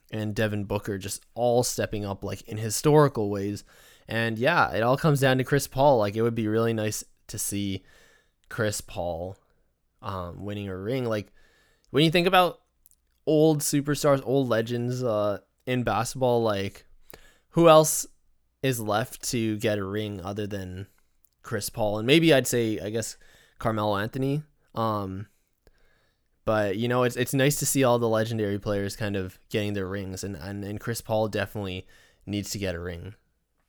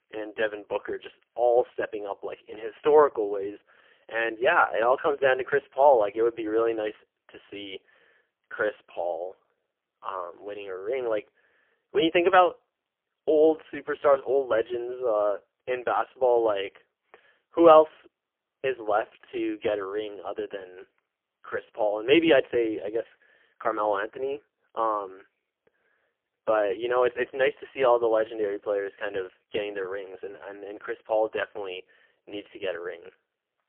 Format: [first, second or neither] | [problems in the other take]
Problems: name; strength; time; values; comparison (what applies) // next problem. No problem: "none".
first | phone-call audio; poor line; nothing above 3.5 kHz